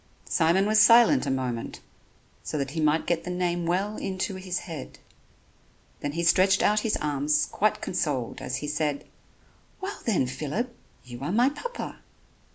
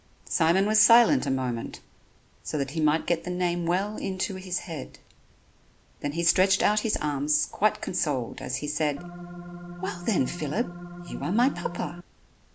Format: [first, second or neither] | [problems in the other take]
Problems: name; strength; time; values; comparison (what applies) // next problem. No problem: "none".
first | background sound (Organ); 10 dB below the speech